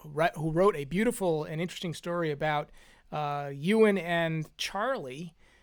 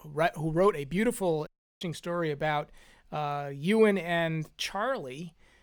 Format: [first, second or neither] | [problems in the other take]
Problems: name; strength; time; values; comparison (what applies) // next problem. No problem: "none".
first | audio cutting out; at 1.5 s